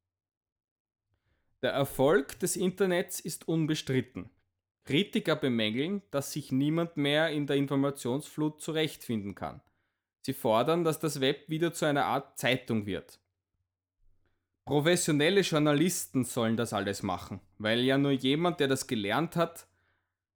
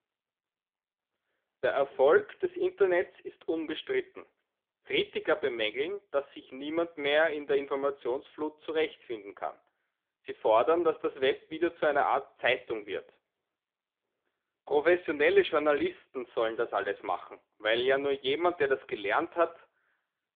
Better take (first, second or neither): first